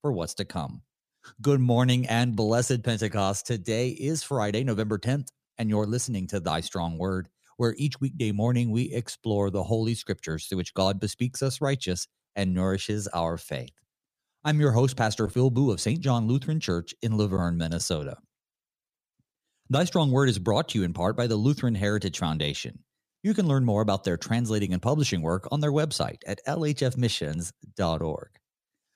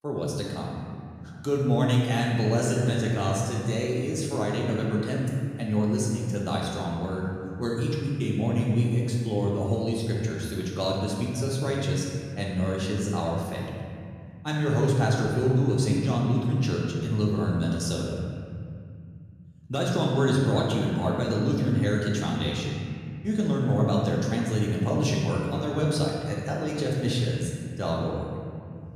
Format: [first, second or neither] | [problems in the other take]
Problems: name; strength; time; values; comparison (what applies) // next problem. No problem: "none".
first | room echo; noticeable; dies away in 2.5 s // off-mic speech; far